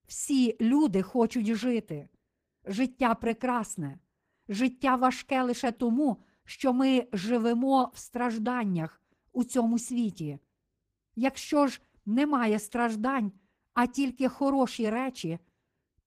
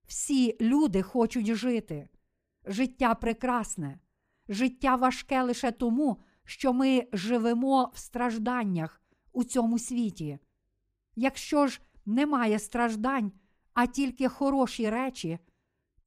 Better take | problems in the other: second | garbled, watery; slightly; nothing above 15 kHz

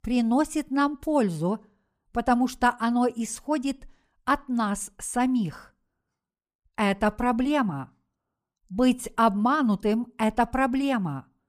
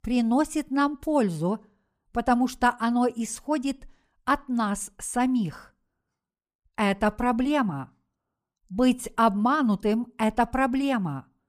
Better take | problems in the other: neither | none

